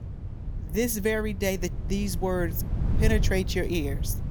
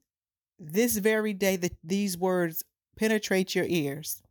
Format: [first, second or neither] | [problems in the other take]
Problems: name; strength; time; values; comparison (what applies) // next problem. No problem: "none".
second | wind noise on the microphone; occasional gusts; 15 dB below the speech